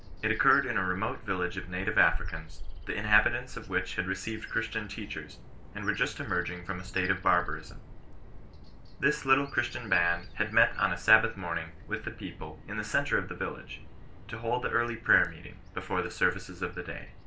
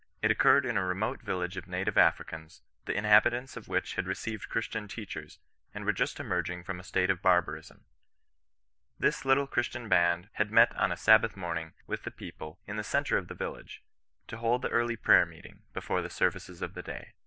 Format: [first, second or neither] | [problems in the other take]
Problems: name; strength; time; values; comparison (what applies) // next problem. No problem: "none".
second | background sound (Bird vocalization, bird call, bird song); 10 dB below the speech // room echo; dies away in 0.2 s